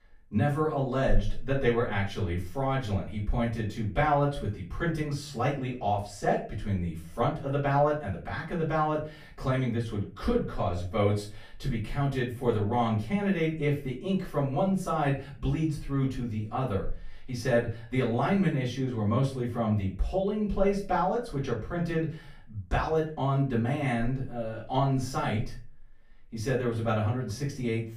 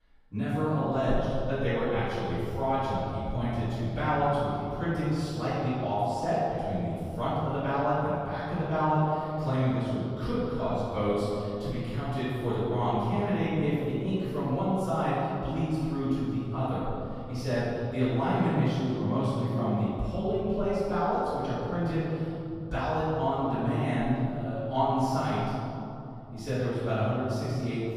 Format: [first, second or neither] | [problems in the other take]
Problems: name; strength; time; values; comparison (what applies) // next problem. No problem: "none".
first | room echo; strong; dies away in 2.8 s; slight in the first // off-mic speech; far; far in the first